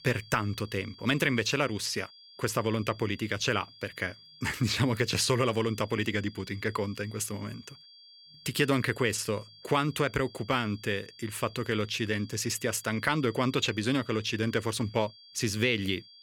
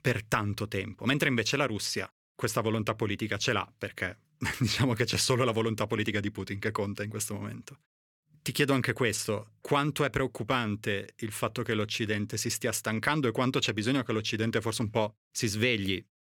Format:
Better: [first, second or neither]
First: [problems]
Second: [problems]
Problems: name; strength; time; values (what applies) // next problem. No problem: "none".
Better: second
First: high-pitched whine; faint; throughout; 4.5 kHz, 20 dB below the speech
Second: none